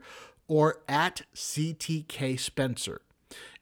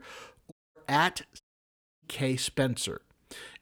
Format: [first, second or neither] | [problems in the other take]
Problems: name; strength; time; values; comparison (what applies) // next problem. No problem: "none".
first | audio cutting out; at 0.5 s and at 1.5 s for 0.5 s